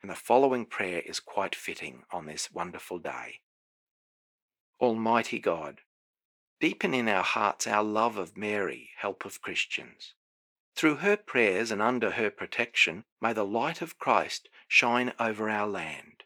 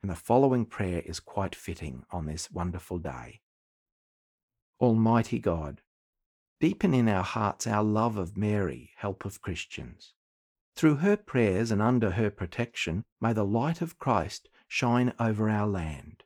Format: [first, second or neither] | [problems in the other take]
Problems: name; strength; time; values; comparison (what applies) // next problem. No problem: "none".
second | thin; somewhat; fading below 400 Hz